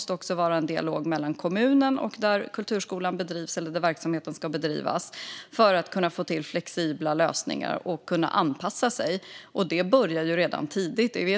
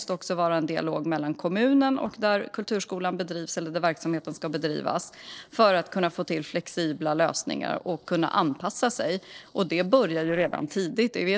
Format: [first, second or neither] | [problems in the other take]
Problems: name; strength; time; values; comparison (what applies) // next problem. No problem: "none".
first | noise reduction (neural separator model SepFormer DNS4)